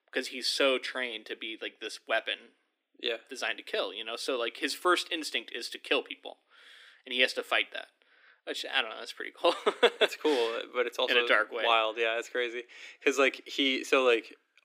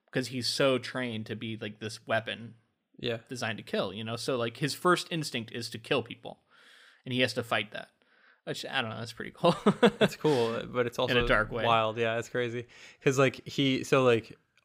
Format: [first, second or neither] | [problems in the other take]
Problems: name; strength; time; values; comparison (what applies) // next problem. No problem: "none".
second | thin; somewhat; fading below 300 Hz